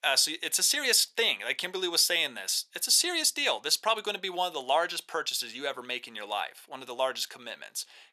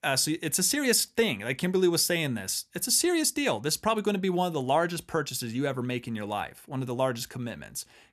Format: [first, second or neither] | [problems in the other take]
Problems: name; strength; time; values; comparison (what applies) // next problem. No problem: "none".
second | thin; very; fading below 650 Hz